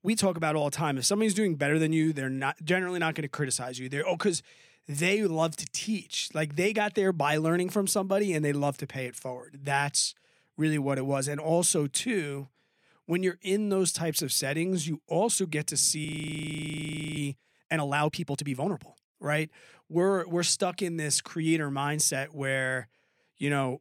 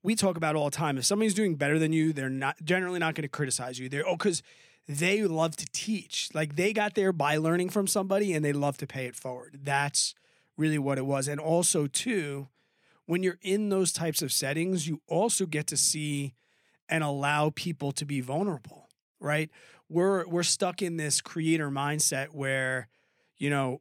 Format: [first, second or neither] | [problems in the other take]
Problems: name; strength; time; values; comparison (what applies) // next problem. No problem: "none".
second | audio freezing; at 16 s for 1 s